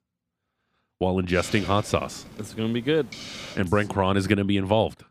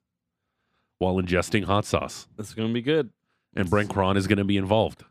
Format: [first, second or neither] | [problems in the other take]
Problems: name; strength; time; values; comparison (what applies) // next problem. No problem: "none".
second | hiss; noticeable; from 1.5 to 3.5 s; 15 dB below the speech